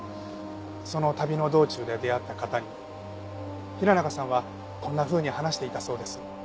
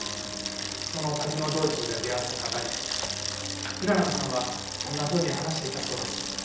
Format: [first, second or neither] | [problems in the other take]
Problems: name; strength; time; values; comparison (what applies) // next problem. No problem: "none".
first | background sound (Bicycle); 3 dB below the speech // room echo; dies away in 0.9 s